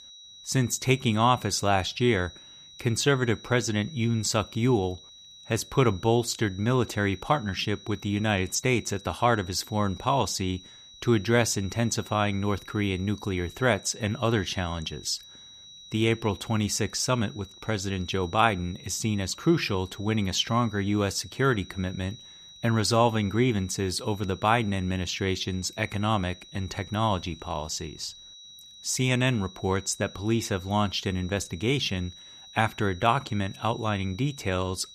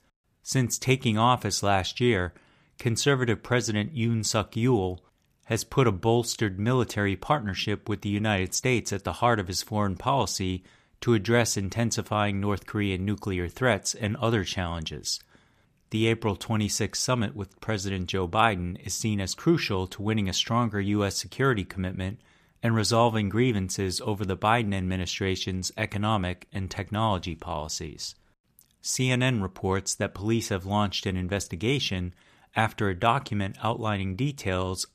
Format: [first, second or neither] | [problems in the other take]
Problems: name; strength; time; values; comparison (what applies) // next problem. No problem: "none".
second | high-pitched whine; noticeable; throughout; 4 kHz, 20 dB below the speech